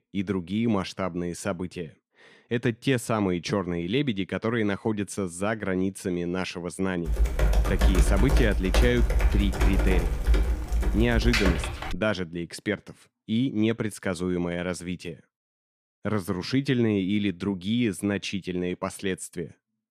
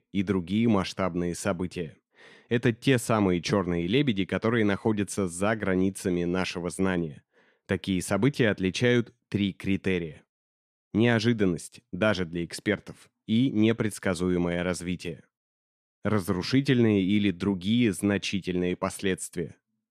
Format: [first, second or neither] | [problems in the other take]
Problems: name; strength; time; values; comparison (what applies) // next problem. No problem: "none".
second | keyboard typing; loud; from 7 to 12 s; peak 5 dB above the speech